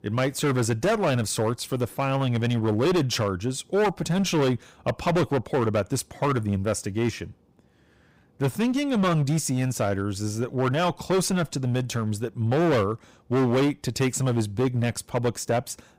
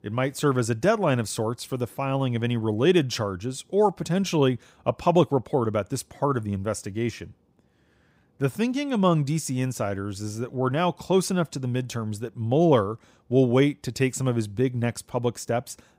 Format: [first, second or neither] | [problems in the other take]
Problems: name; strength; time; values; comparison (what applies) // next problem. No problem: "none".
second | distortion; heavy; 14% of the sound clipped